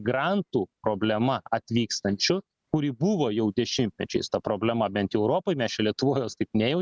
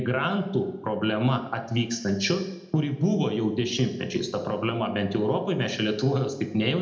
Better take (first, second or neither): first